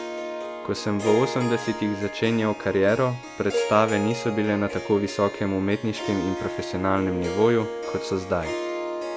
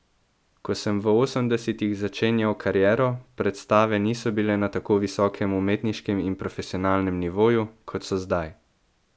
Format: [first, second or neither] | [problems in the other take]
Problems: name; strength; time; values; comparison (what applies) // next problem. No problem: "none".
second | background sound (Harp); 7 dB below the speech